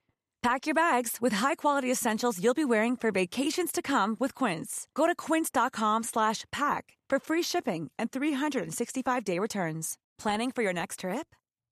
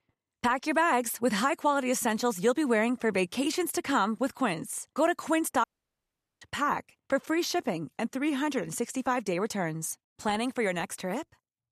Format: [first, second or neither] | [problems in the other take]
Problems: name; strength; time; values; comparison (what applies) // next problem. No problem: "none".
first | audio cutting out; at 5.5 s for 1 s